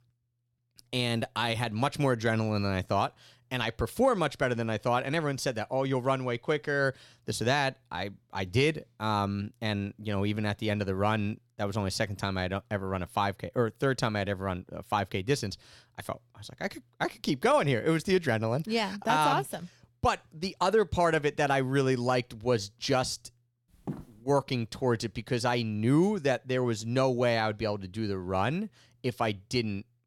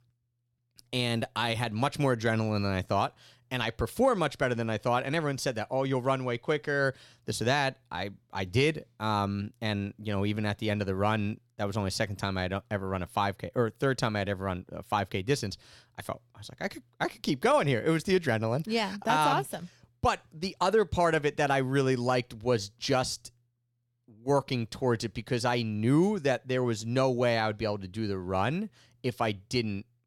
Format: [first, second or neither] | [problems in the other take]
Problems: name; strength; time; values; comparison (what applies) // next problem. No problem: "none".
second | footsteps; faint; at 24 s; peak 10 dB below the speech